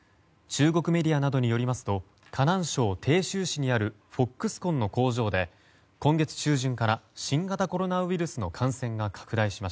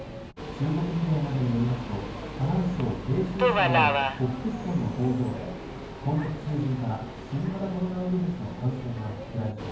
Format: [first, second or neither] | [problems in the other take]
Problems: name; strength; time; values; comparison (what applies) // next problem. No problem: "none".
first | background sound (Subway, metro, underground); 3 dB below the speech // room echo; dies away in 0.9 s